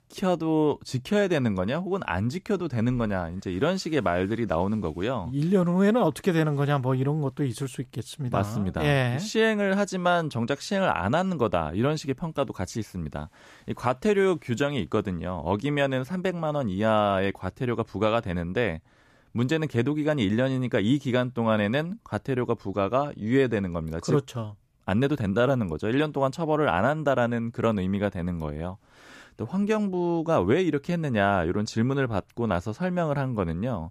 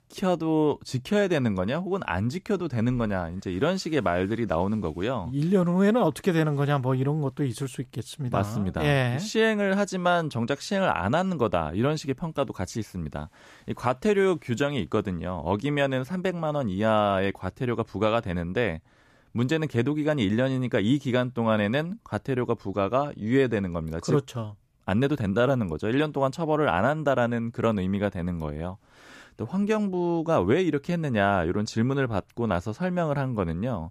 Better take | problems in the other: neither | none

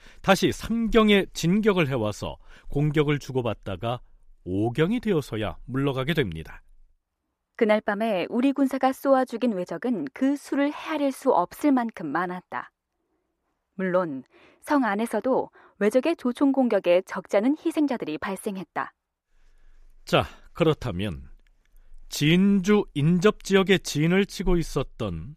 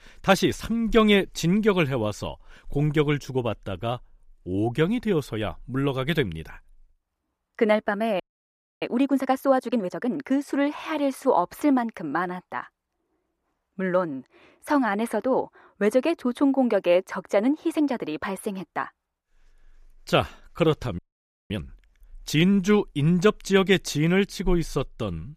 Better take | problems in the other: first | audio freezing; at 8 s for 0.5 s and at 21 s for 0.5 s

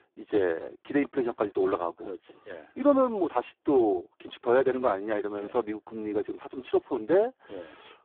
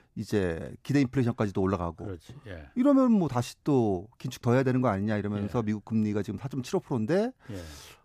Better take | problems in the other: second | phone-call audio; poor line

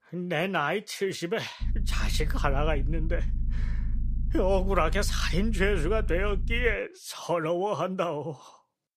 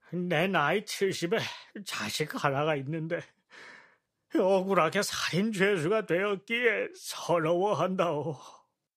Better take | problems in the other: second | low rumble; faint; from 1.5 to 6.5 s; 20 dB below the speech

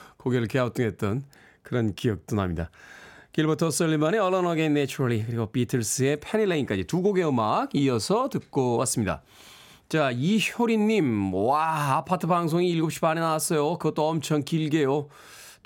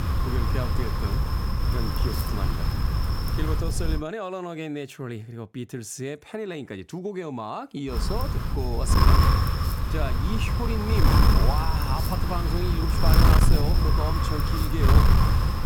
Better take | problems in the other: first | wind noise on the microphone; heavy; until 4 s and from 8 s on; 4 dB above the speech

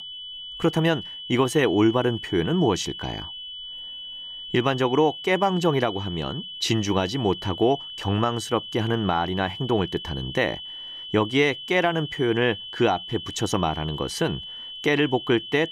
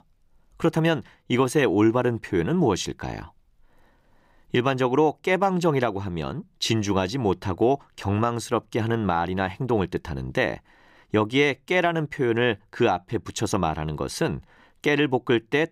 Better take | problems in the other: second | high-pitched whine; noticeable; throughout; 3 kHz, 10 dB below the speech

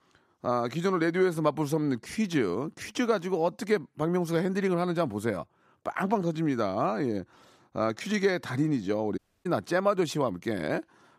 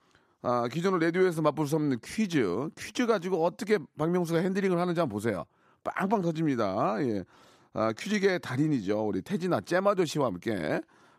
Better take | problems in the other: second | audio cutting out; at 9 s

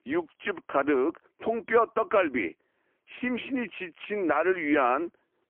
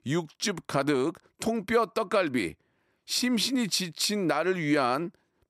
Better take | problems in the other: second | phone-call audio; poor line; nothing above 3 kHz

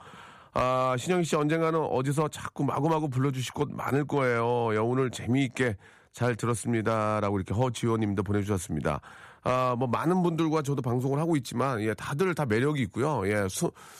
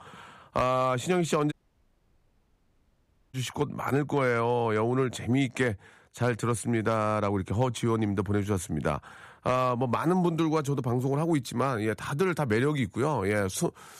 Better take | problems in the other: first | audio cutting out; at 1.5 s for 2 s

